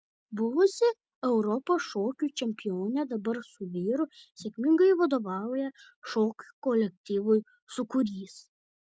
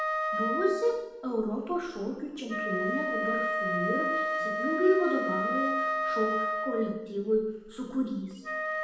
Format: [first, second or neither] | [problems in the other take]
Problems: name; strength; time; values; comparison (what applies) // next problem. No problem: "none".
first | background sound (Wind instrument, woodwind instrument); 1 dB below the speech // room echo; dies away in 0.9 s